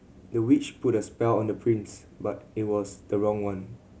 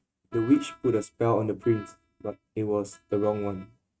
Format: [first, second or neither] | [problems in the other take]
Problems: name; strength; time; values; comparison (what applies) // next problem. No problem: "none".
first | noise reduction (neural mask model RNNoise)